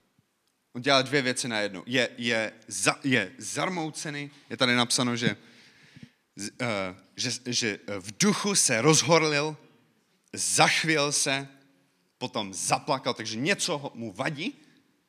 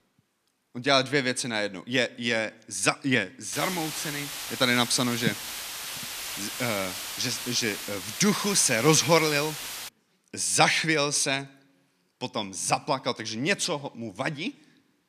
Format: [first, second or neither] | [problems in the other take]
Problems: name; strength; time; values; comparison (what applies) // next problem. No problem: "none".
first | hiss; loud; from 3.5 to 10 s; 8 dB below the speech